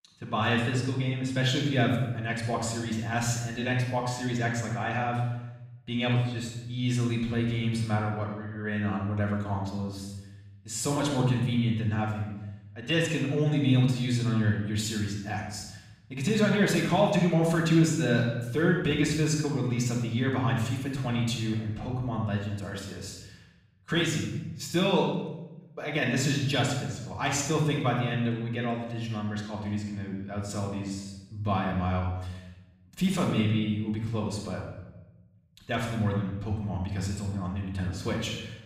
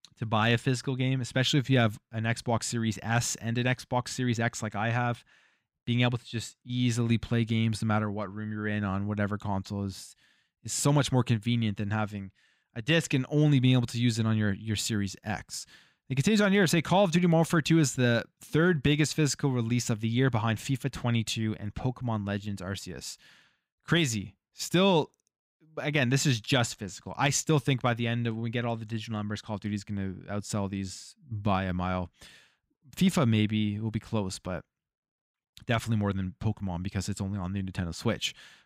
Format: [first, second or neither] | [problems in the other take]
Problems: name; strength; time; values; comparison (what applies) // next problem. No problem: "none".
second | room echo; noticeable; dies away in 0.9 s // off-mic speech; far